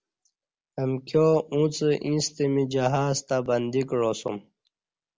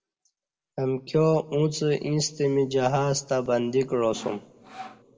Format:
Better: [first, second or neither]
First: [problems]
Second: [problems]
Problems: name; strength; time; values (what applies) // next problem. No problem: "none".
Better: first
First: none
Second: background sound (Sawing); 17 dB below the speech // room echo; dies away in 1.3 s